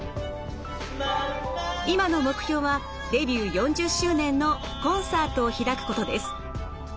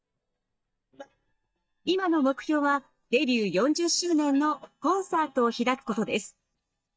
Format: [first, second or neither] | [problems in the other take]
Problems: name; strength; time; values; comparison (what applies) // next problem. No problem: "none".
first | noise reduction (neural mask model DeepFilterNet 3)